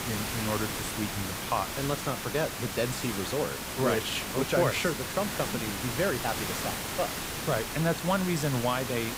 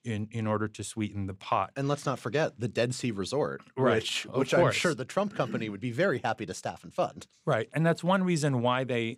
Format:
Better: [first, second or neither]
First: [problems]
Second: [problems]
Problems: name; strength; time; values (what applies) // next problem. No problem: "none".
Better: second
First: hiss; loud; throughout; 2 dB below the speech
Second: none